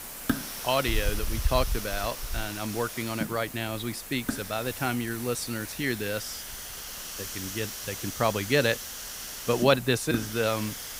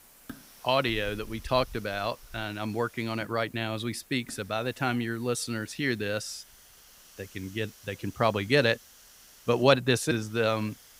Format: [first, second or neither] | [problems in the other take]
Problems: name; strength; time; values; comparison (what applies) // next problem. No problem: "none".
second | hiss; loud; throughout; 6 dB below the speech; faint in the second